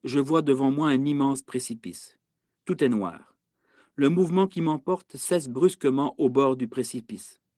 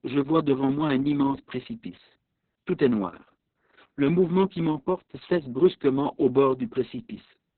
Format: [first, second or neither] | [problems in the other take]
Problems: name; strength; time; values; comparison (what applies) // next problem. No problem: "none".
first | garbled, watery; badly; nothing above 4 kHz; slightly in the first